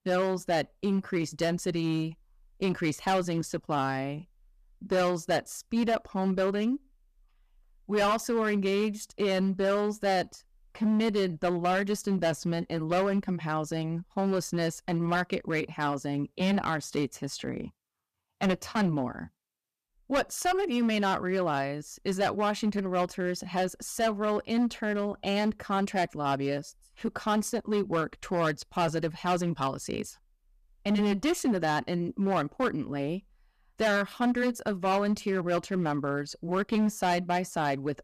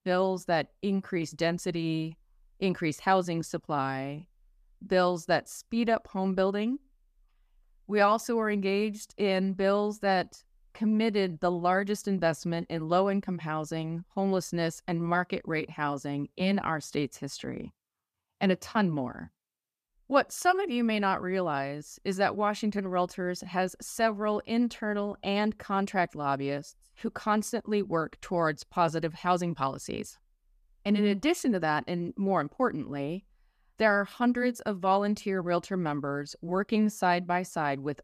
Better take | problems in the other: second | distortion; slight; 8% of the sound clipped

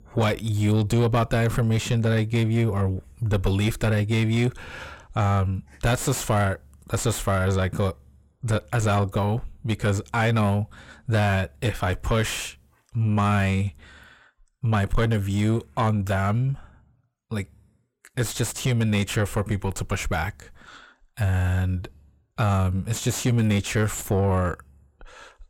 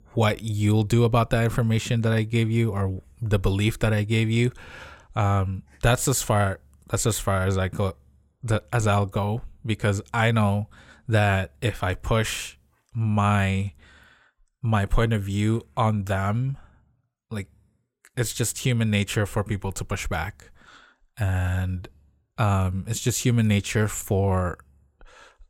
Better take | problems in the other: second | distortion; slight; 10 dB below the speech

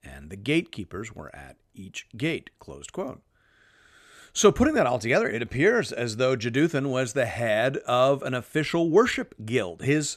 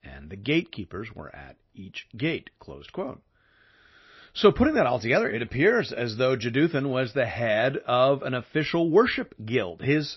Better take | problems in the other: first | garbled, watery; slightly; nothing above 5.5 kHz

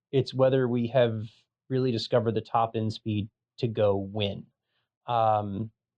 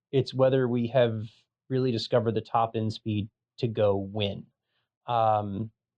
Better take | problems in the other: neither | muffled; slightly; fading above 3.5 kHz; the same in both

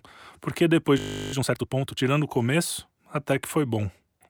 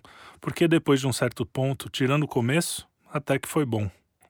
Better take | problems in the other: second | audio freezing; at 1 s

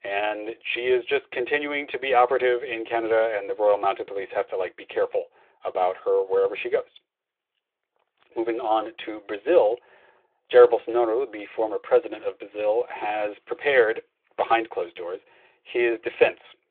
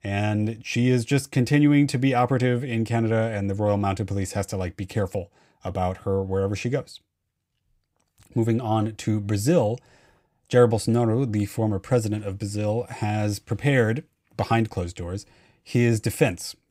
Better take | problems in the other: second | phone-call audio

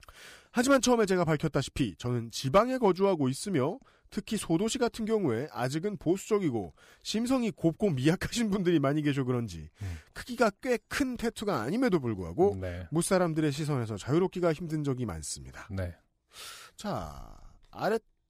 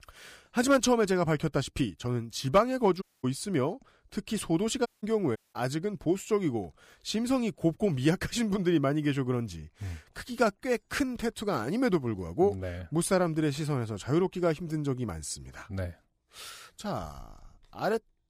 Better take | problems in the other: first | audio cutting out; at 3 s, at 5 s and at 5.5 s

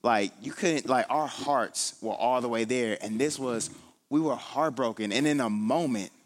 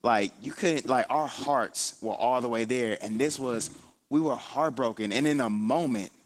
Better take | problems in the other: first | garbled, watery; slightly; nothing above 16 kHz

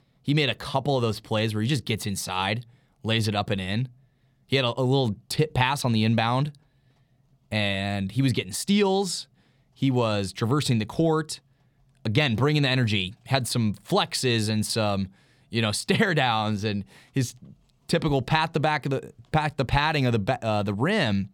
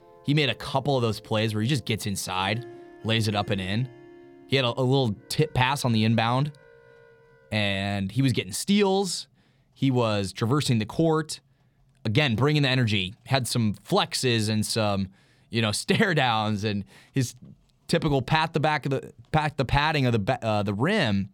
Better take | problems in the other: first | background music; faint; until 7.5 s; 25 dB below the speech

